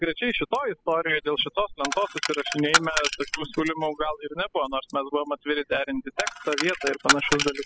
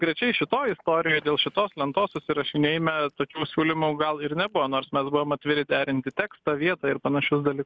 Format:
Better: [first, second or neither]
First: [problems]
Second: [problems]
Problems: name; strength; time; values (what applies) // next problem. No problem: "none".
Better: second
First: noise reduction (classical method spectral subtraction)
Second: none